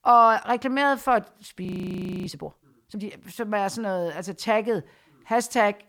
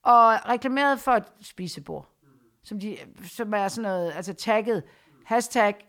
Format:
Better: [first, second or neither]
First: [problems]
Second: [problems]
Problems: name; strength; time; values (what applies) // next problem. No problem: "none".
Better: second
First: audio freezing; at 1.5 s for 0.5 s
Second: none